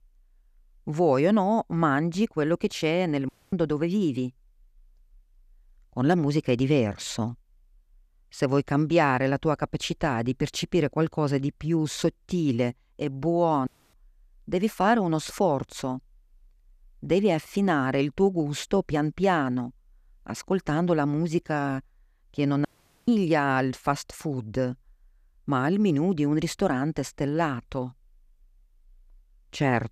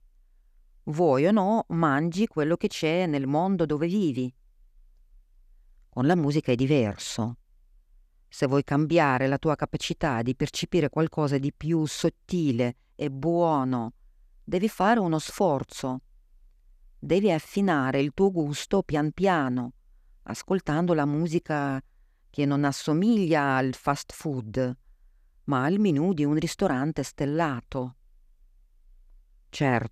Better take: second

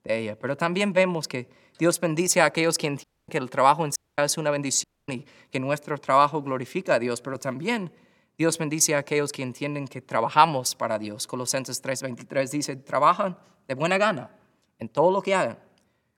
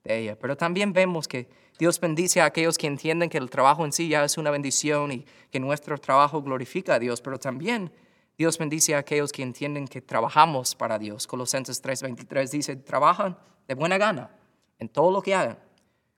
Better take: second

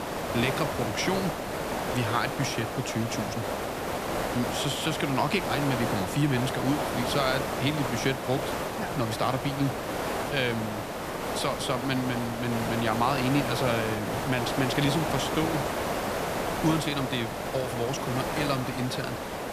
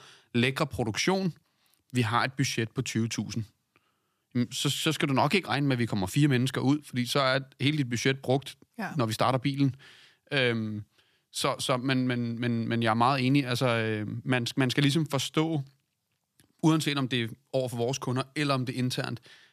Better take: second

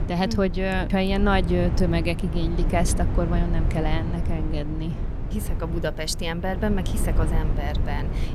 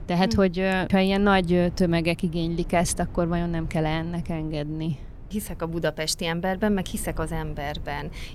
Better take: second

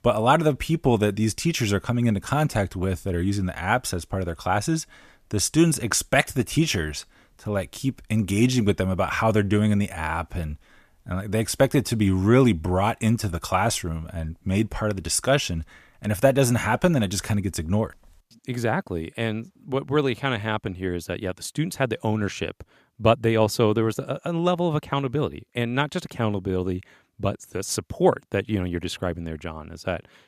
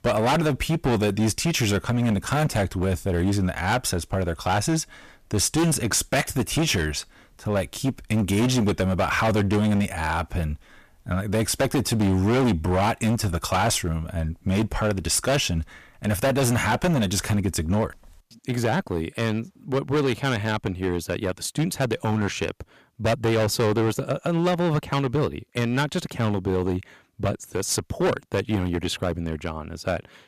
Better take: first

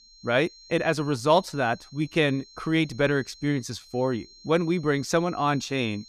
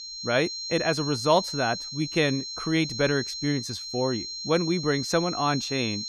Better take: first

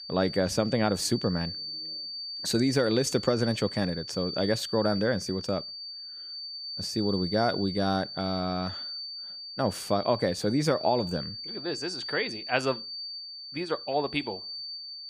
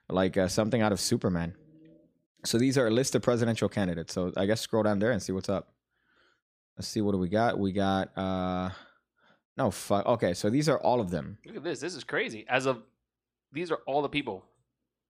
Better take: second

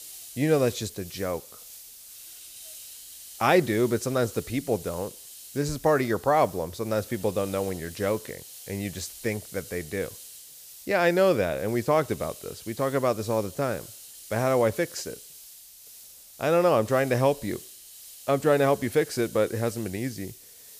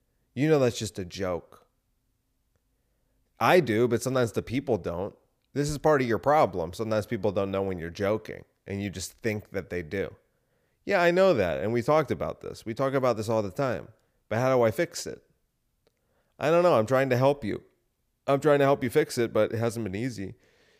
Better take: second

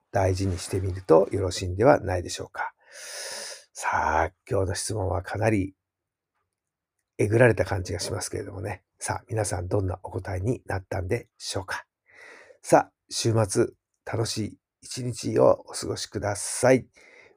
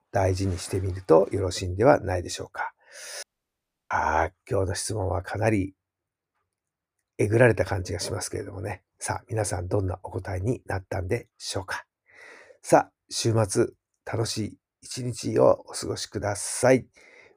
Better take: first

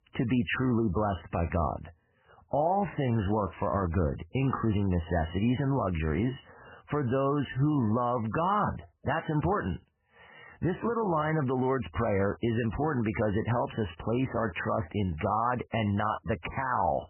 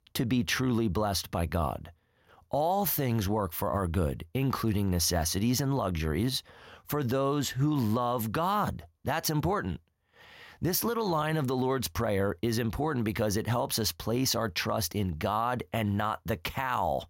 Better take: second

